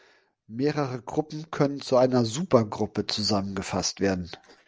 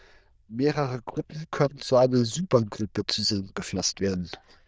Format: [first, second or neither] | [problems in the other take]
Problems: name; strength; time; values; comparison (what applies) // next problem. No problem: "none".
first | noise reduction (neural diffusion model UNIVERSE++)